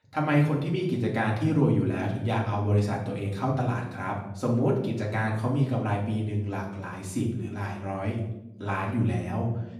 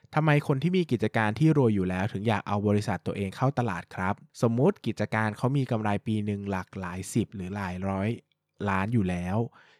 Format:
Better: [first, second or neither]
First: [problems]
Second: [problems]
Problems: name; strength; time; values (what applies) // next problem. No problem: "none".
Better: second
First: room echo; noticeable; dies away in 0.7 s // off-mic speech; far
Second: none